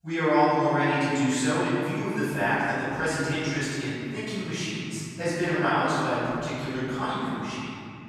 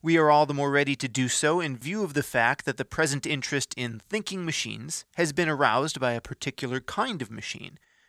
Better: second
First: off-mic speech; far // room echo; strong; dies away in 2.6 s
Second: none

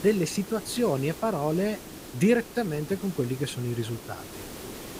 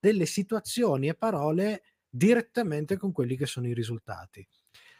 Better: second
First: hiss; noticeable; throughout; 15 dB below the speech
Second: none

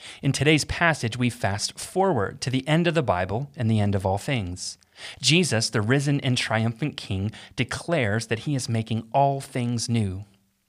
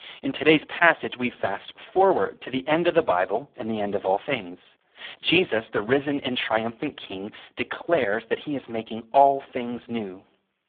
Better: first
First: none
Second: phone-call audio; poor line

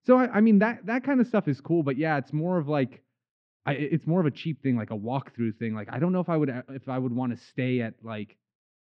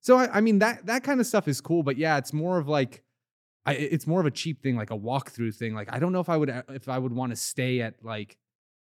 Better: second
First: muffled; very; fading above 3.5 kHz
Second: none

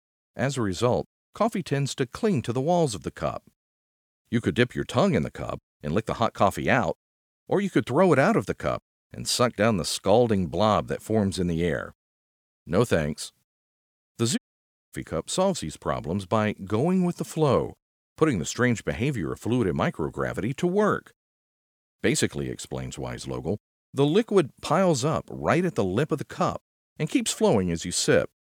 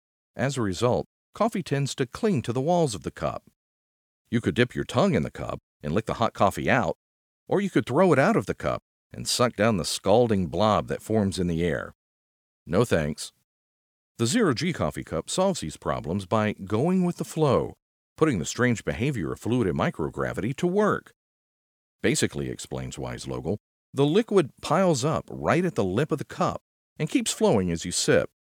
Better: second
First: audio cutting out; at 14 s for 0.5 s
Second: none

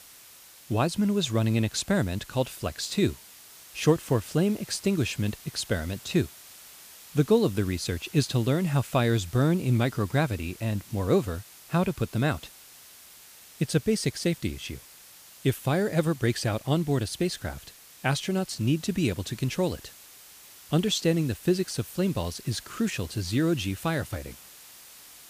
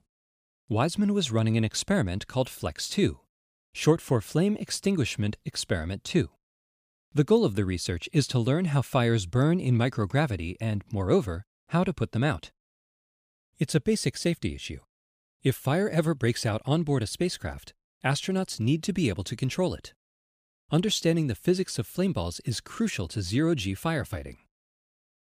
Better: second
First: hiss; noticeable; throughout; 20 dB below the speech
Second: none

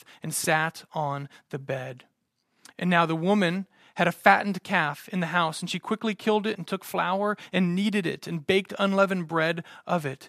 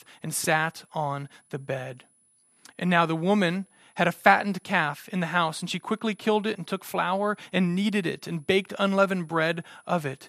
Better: first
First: none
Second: high-pitched whine; faint; throughout; 10 kHz, 35 dB below the speech

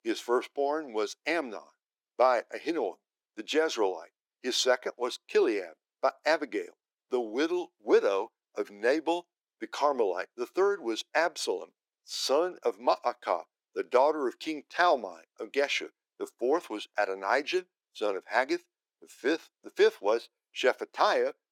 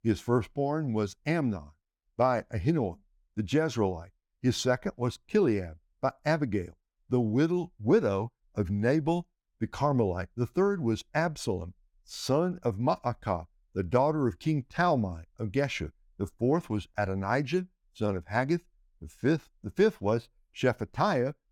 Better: second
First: thin; very; fading below 350 Hz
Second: none

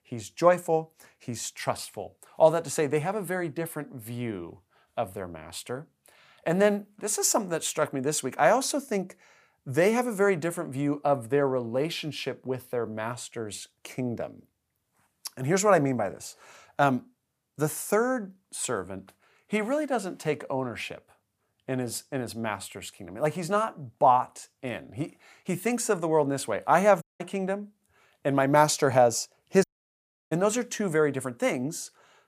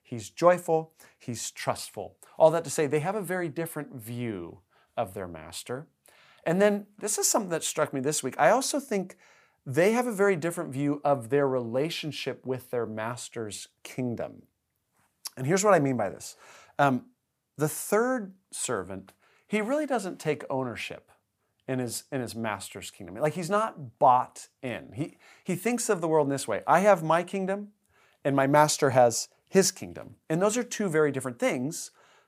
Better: second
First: audio cutting out; at 27 s and at 30 s for 0.5 s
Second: none

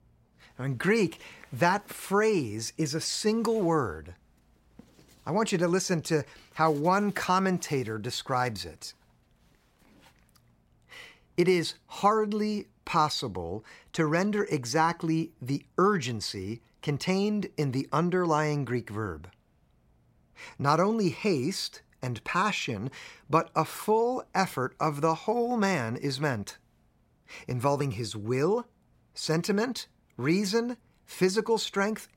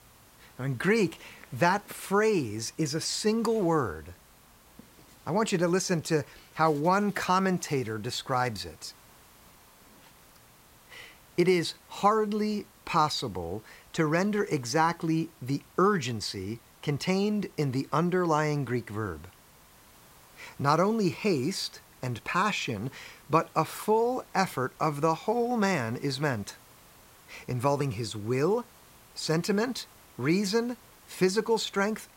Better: first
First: none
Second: hiss; faint; throughout; 25 dB below the speech

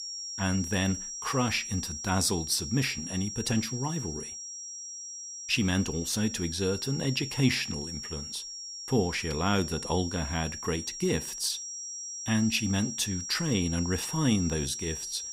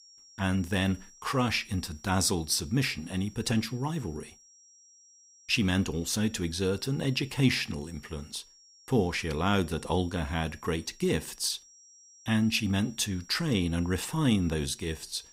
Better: second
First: high-pitched whine; loud; throughout; 5.5 kHz, 6 dB below the speech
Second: high-pitched whine; faint; throughout; 5.5 kHz, 25 dB below the speech

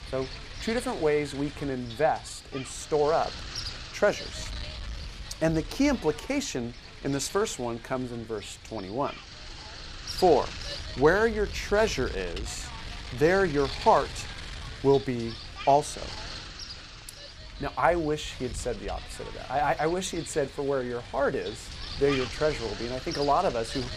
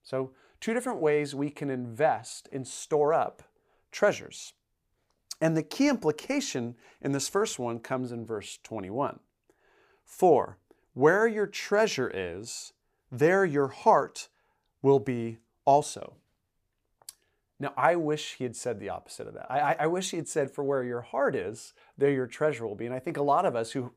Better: second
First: wind noise on the microphone; occasional gusts; 10 dB below the speech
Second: none

